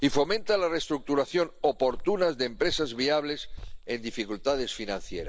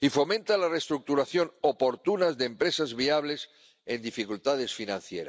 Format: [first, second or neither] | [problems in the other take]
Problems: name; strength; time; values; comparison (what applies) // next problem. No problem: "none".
second | background sound (Cricket); 10 dB below the speech